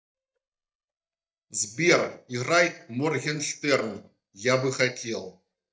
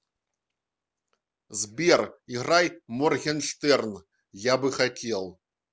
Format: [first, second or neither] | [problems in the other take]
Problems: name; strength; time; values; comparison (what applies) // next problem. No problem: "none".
second | noise reduction (neural mask model DeepFilterNet 3)